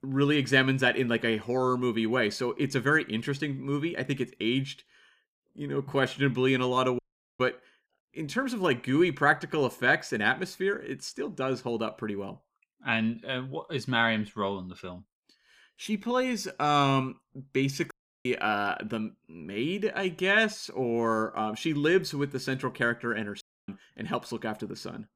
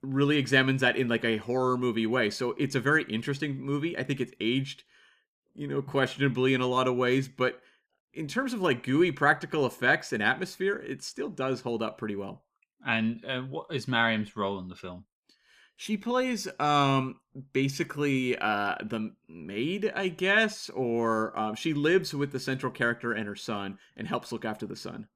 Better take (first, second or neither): second